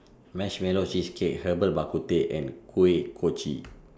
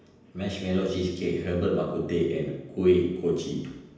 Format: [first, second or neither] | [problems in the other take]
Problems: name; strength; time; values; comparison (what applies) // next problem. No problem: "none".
first | room echo; dies away in 0.9 s